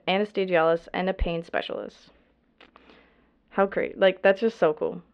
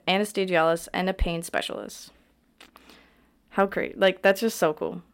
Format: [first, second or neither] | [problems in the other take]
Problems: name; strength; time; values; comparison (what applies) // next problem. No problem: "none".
second | muffled; slightly; fading above 3.5 kHz